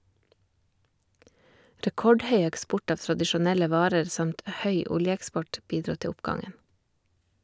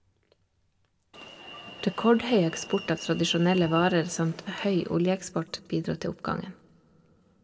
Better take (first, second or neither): first